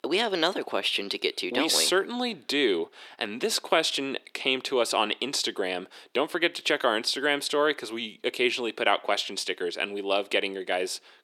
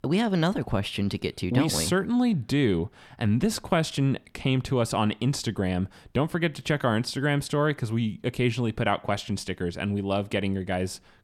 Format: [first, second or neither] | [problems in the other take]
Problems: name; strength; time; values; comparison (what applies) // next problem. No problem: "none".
second | thin; somewhat; fading below 350 Hz